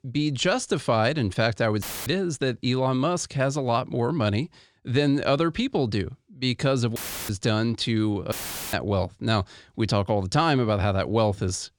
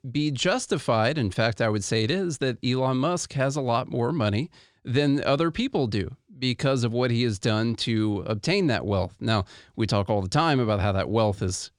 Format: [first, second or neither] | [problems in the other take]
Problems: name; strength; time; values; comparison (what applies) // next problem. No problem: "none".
second | audio cutting out; filled with static; at 2 s, at 7 s and at 8.5 s